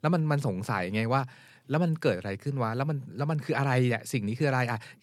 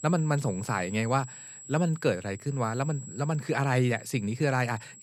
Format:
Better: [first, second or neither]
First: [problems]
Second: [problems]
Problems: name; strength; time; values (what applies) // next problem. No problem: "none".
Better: first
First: none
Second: high-pitched whine; noticeable; throughout; 7.5 kHz, 15 dB below the speech